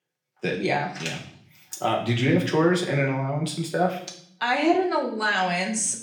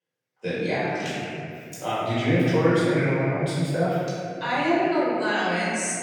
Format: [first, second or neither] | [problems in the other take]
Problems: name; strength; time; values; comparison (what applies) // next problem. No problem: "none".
first | room echo; strong; dies away in 2.6 s; slight in the first // off-mic speech; far; far in the first